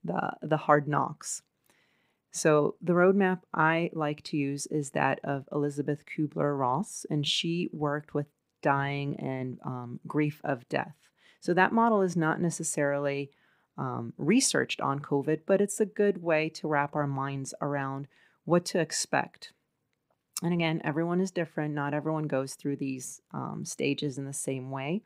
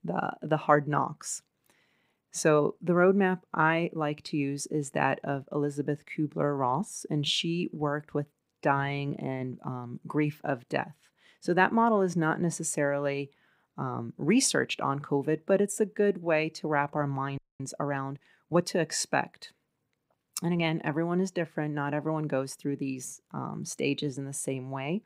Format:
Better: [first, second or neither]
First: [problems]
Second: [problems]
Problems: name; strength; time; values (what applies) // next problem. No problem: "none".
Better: first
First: none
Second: audio freezing; at 17 s